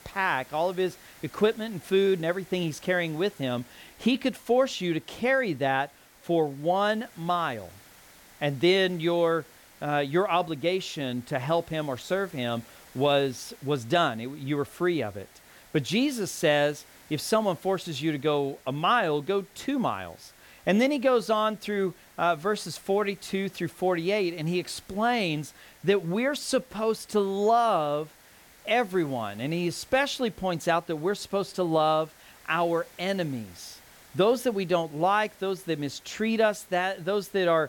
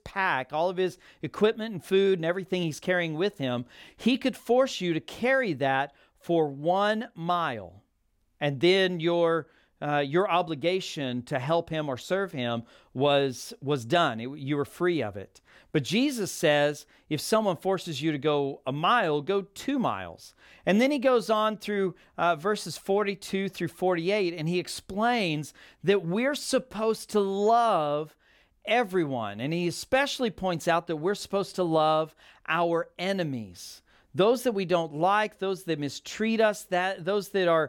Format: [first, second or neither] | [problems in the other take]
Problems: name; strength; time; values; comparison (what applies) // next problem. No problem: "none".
second | hiss; faint; throughout; 25 dB below the speech